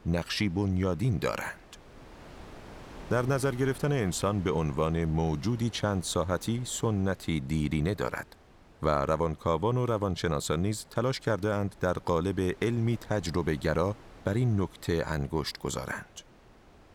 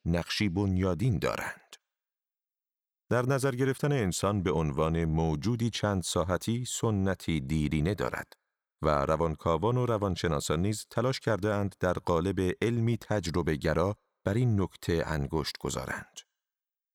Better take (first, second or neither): second